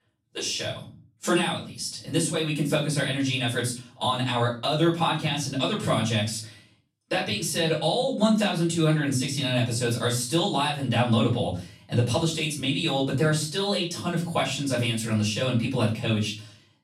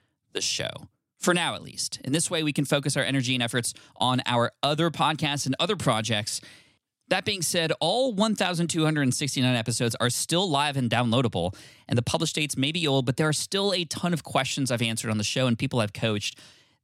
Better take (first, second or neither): second